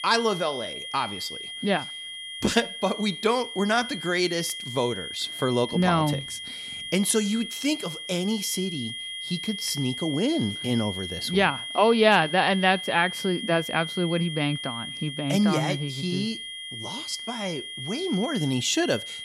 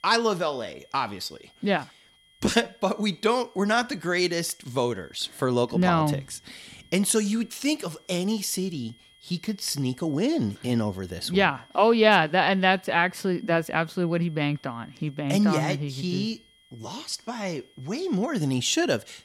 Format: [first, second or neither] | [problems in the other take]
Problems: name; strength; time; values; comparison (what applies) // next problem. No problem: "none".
second | high-pitched whine; loud; throughout; 3 kHz, 8 dB below the speech; faint in the second